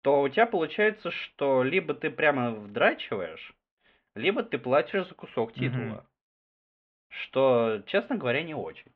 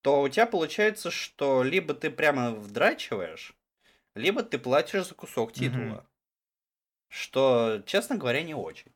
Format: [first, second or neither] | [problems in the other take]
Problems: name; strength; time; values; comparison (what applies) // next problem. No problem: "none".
second | muffled; very; fading above 3 kHz